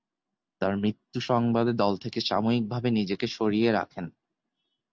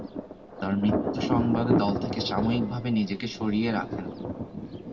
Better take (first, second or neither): first